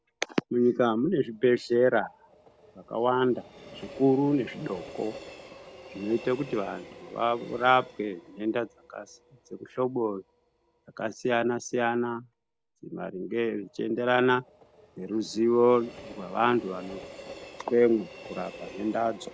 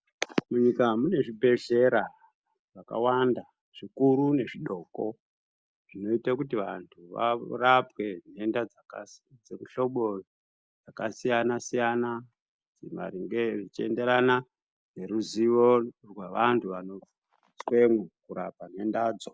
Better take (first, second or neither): second